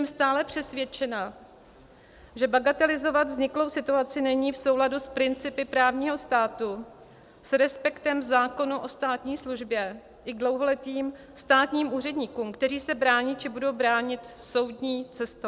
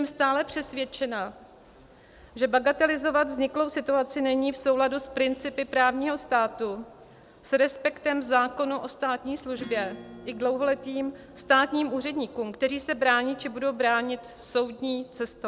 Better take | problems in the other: first | background sound (Acoustic guitar / Strum); 18 dB below the speech

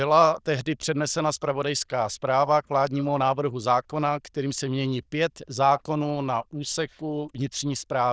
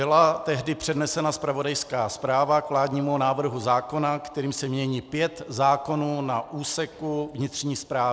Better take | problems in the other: second | noise reduction (neural diffusion model UNIVERSE++)

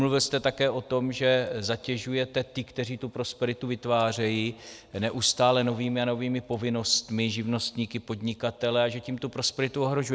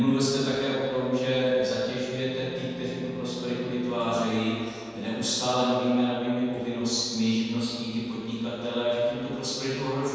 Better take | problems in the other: first | background sound (Bowed string instrument); 14 dB below the speech // room echo; dies away in 2.1 s

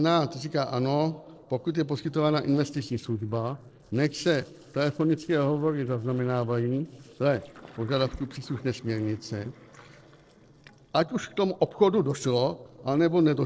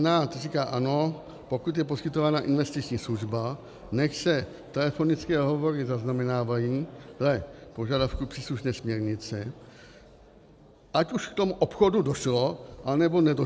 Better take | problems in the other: second | noise reduction (neural separator model SepFormer DNS4)

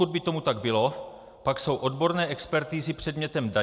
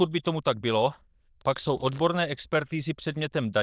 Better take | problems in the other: first | noise reduction (neural diffusion model UNIVERSE++)

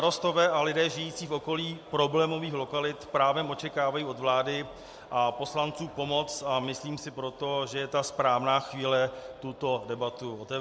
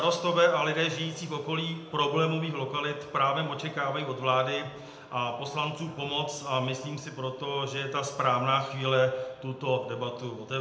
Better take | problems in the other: first | room echo; dies away in 0.8 s

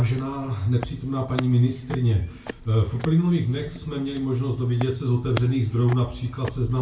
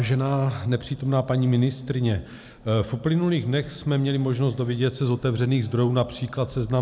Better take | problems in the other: second | background sound (Walk, footsteps); 17 dB below the speech // room echo; dies away in 0.2 s

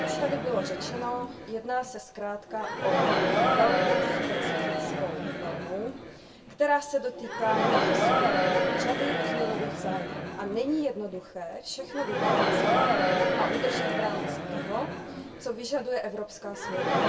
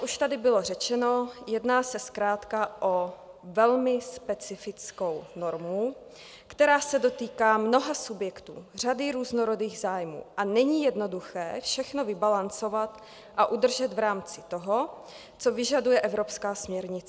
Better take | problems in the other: second | background sound (Crowd); 4 dB above the speech // room echo; dies away in 0.2 s

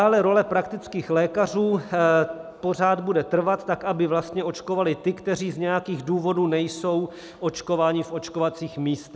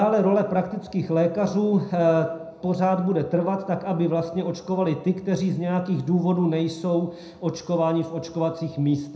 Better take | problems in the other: first | room echo; dies away in 0.5 s

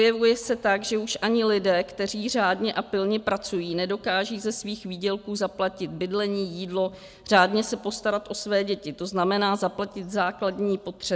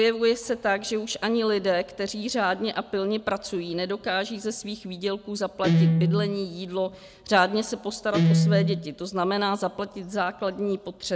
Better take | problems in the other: first | background sound (Guitar); 2 dB above the speech

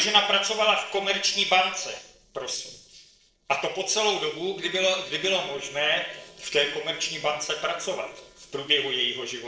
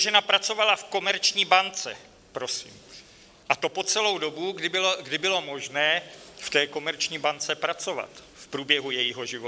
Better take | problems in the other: second | noise reduction (neural separator model SepFormer DNS4)

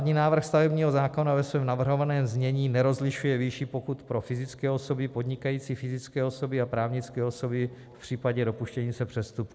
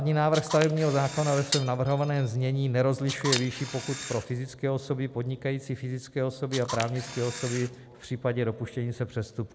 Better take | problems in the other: first | background sound (Glass + Camera); 9 dB below the speech

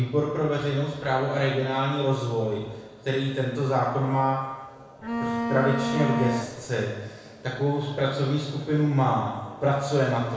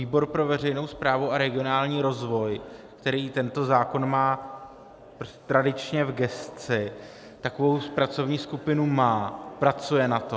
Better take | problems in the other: second | background sound (Bowed string instrument); 2 dB below the speech // room echo; dies away in 1 s

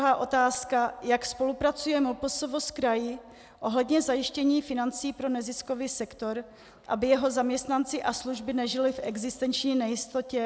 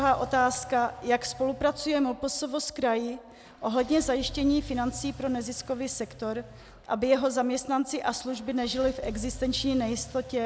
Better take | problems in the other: first | background sound (Engine / Car); 17 dB below the speech

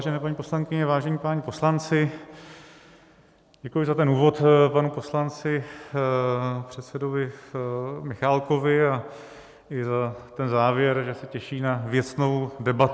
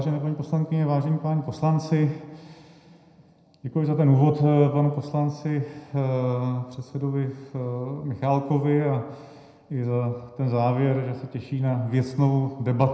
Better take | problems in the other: first | room echo; dies away in 0.8 s

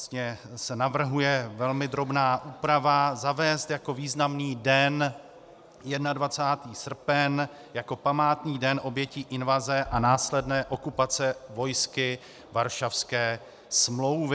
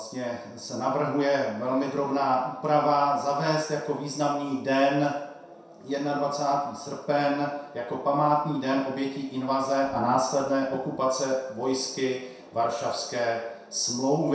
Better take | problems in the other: first | room echo; dies away in 0.7 s

